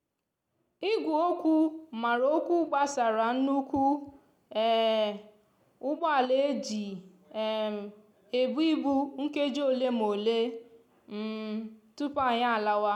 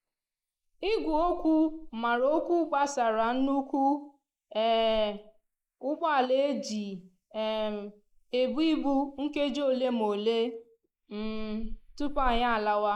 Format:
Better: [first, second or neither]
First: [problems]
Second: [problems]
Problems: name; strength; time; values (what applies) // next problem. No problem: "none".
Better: first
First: none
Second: noise reduction (neural mask model Resemble Enhance denoiser)